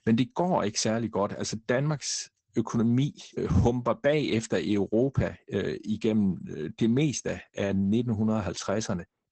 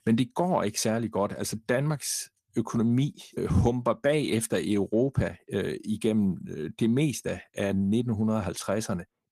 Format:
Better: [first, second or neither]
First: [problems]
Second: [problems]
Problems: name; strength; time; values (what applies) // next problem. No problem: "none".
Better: second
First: garbled, watery; badly; nothing above 8 kHz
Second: garbled, watery; slightly; nothing above 14.5 kHz